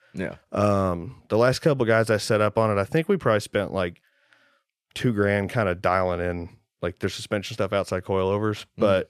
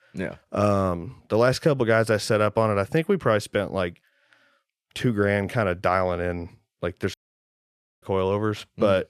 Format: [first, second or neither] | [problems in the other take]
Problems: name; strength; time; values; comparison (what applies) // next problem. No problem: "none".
first | audio cutting out; at 7 s for 1 s